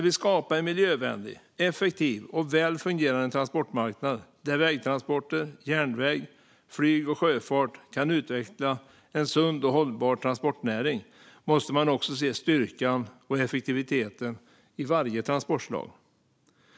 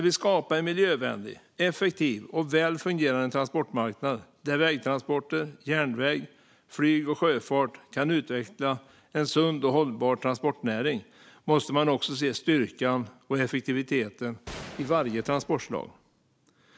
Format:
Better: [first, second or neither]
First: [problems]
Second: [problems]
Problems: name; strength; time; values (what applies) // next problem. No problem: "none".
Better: first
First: none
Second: background sound (Gunshot, gunfire); 18 dB below the speech